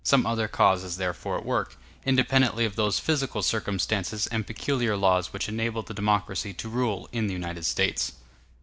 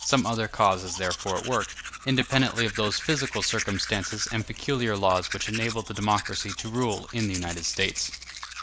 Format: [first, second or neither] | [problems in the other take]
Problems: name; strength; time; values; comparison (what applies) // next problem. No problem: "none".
first | background sound (Domestic sounds, home sounds); 10 dB below the speech